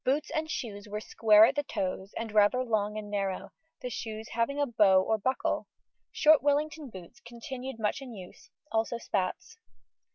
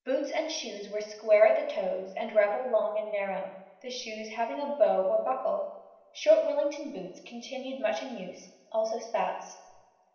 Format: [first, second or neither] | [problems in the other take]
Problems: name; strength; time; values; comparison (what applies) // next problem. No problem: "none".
first | room echo; dies away in 0.9 s